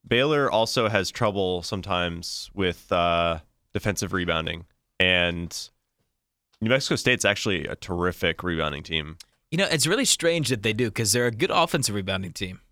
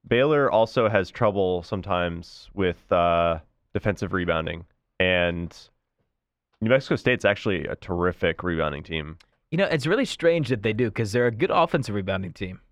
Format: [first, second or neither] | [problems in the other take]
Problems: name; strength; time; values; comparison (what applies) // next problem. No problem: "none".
first | muffled; very; fading above 4 kHz